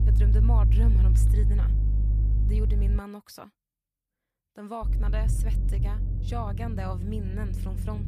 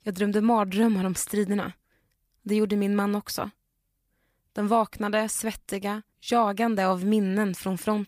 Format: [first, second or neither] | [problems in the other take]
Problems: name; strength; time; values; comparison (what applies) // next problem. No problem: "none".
second | low rumble; loud; until 3 s and from 5 s on; 3 dB below the speech